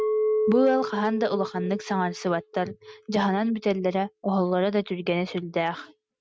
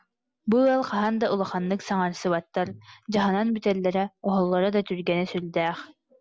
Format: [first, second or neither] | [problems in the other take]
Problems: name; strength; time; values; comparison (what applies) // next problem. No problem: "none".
second | noise reduction (neural mask model RNNoise)